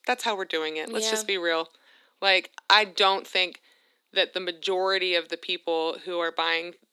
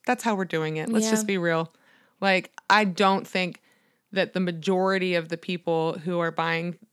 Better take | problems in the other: second | thin; very; fading below 300 Hz

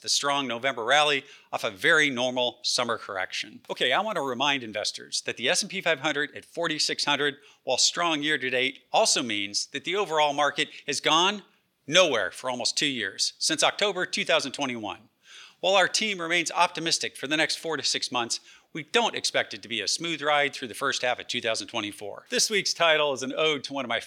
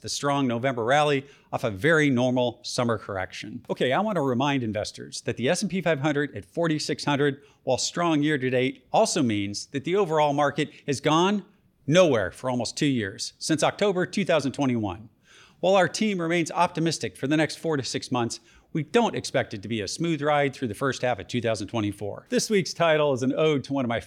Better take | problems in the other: second | thin; somewhat; fading below 1 kHz

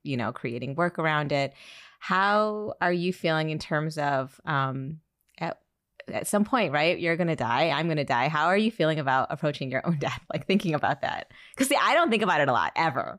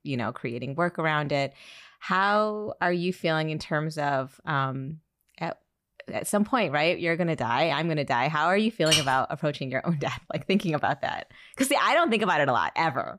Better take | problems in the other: first | clattering dishes; loud; at 9 s; peak 2 dB above the speech

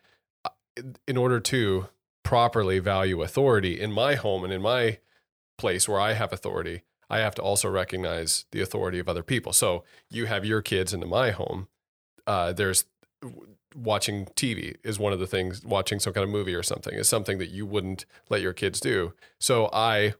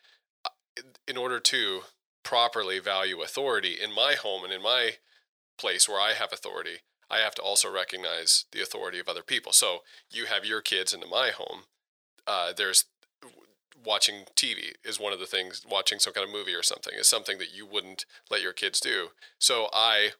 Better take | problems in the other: first | thin; very; fading below 500 Hz

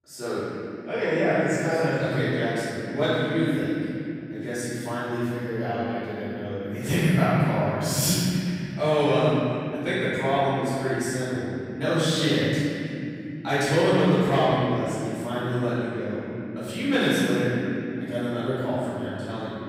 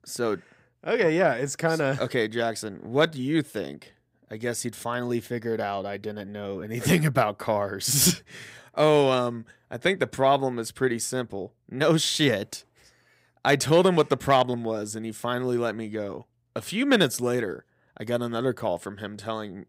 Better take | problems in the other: second | room echo; strong; dies away in 3 s // off-mic speech; far

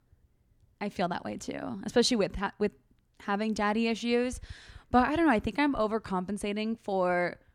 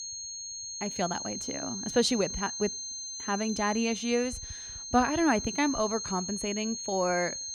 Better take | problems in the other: first | high-pitched whine; loud; throughout; 6.5 kHz, 5 dB below the speech

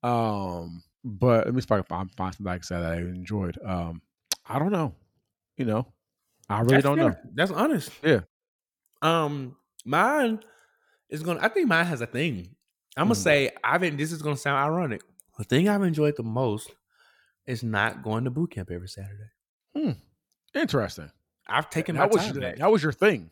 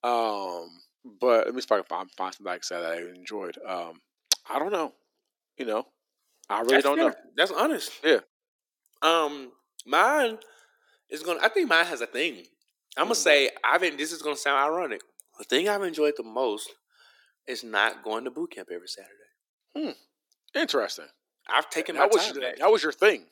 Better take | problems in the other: first | thin; somewhat; fading below 300 Hz

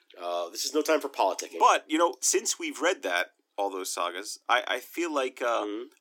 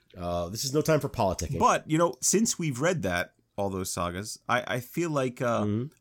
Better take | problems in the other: second | thin; very; fading below 300 Hz

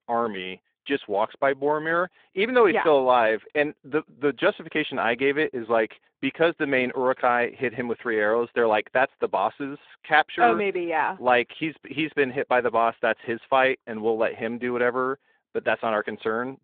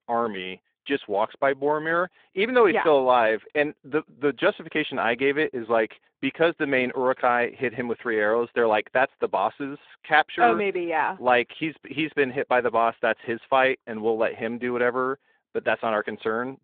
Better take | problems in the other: neither | phone-call audio; the same in both

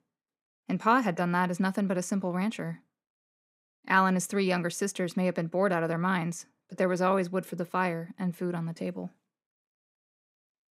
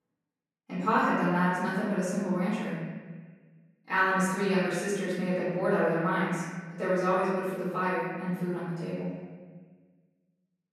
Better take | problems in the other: first | room echo; strong; dies away in 1.4 s // off-mic speech; far

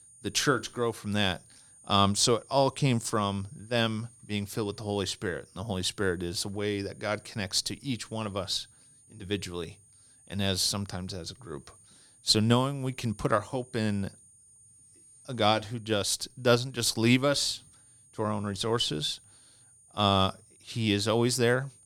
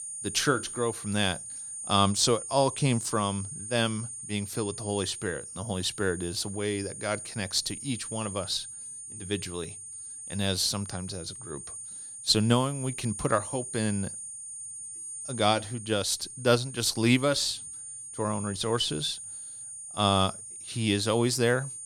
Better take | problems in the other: first | high-pitched whine; loud; throughout; 9 kHz, 9 dB below the speech; faint in the first

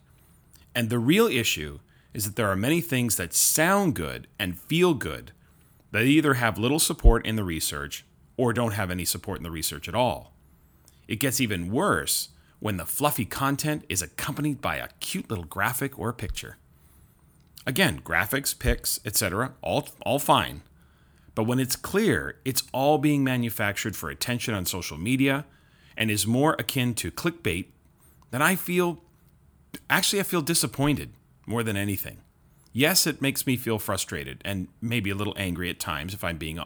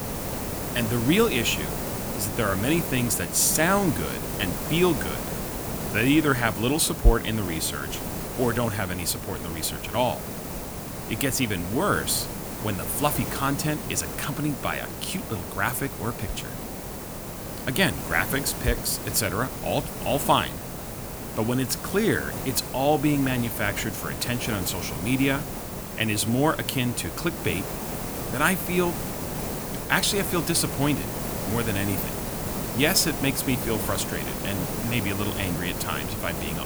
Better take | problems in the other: first | hiss; loud; throughout; 6 dB below the speech

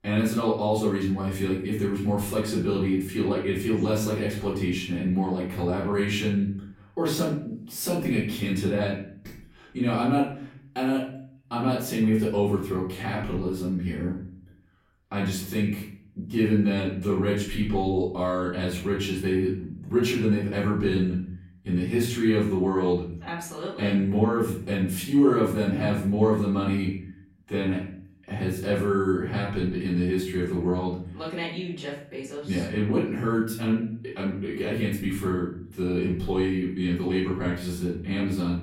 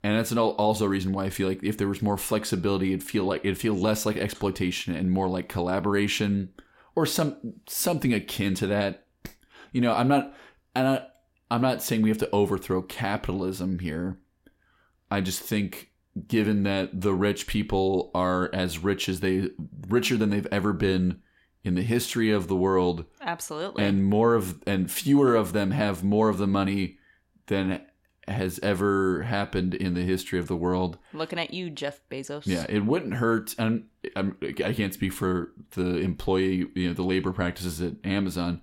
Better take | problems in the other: second | off-mic speech; far // room echo; noticeable; dies away in 0.5 s

